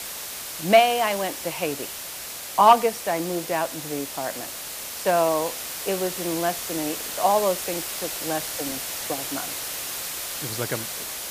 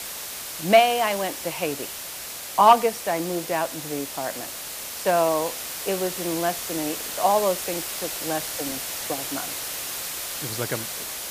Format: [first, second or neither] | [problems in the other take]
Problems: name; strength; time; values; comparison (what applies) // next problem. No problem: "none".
neither | hiss; loud; throughout; 6 dB below the speech; the same in both